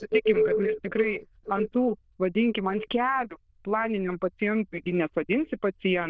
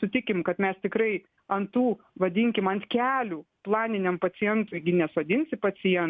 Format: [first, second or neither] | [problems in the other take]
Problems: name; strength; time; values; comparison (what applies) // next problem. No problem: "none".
second | noise reduction (neural diffusion model UNIVERSE++)